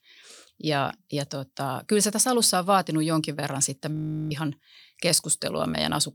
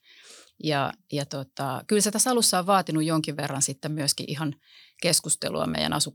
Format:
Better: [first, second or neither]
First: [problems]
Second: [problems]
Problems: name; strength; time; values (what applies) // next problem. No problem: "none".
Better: second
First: audio freezing; at 4 s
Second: none